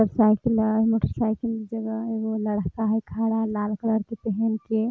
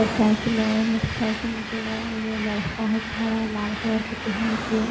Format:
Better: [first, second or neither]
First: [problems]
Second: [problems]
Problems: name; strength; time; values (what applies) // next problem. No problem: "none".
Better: first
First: none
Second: background sound (Train); 6 dB below the speech // room echo; dies away in 0.6 s